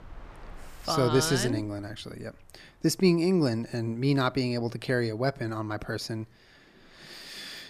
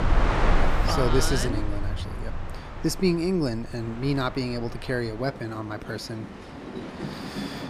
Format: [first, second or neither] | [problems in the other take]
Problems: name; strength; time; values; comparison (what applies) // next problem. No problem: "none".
first | train or aircraft noise; loud; throughout; 3 dB below the speech; faint in the first